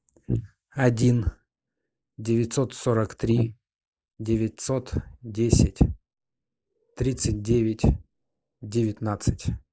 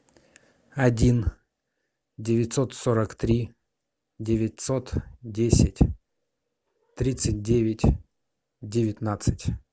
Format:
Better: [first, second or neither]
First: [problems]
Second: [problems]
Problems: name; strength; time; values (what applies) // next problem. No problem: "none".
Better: second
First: noise reduction (neural mask model Resemble Enhance denoiser)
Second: none